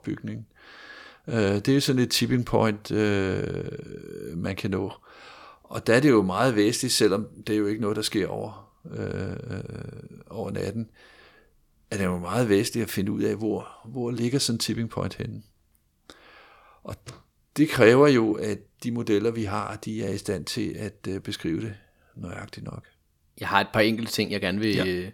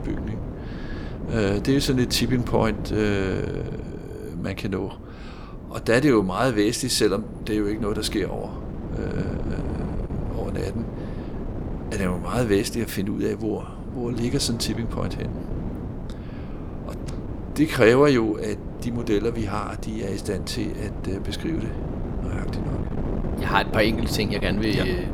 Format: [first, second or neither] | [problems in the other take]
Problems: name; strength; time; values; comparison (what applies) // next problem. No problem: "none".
first | wind noise on the microphone; occasional gusts; 10 dB below the speech